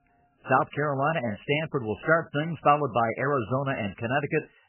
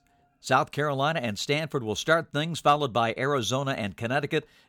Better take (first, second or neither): second